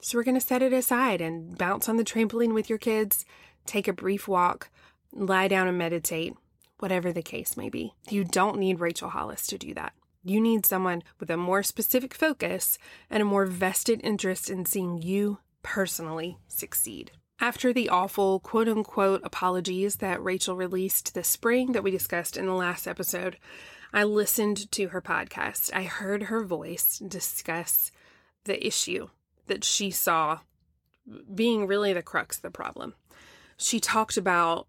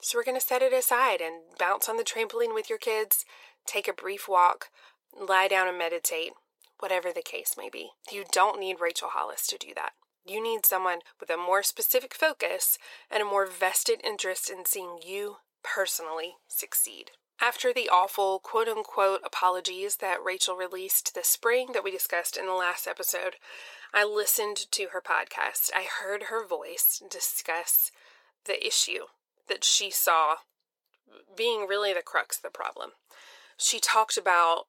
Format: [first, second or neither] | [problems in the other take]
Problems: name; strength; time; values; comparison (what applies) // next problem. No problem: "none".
first | thin; very; fading below 500 Hz